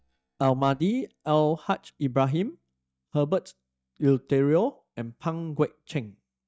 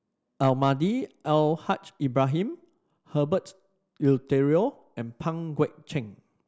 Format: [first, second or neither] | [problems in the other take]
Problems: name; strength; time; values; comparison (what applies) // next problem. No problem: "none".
second | noise reduction (neural mask model DeepFilterNet 3)